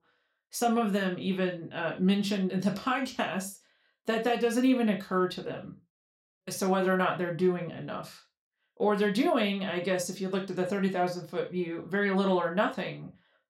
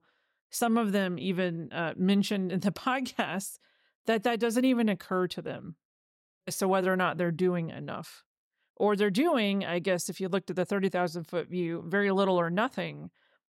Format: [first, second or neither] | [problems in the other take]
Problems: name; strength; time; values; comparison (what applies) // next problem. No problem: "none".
second | room echo; slight; dies away in 0.3 s // off-mic speech; somewhat distant